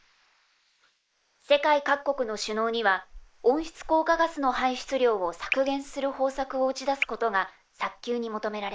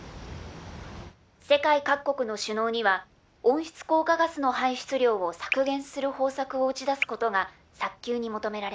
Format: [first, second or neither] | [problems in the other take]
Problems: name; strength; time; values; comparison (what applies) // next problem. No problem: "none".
second | noise reduction (neural mask model Resemble Enhance denoiser)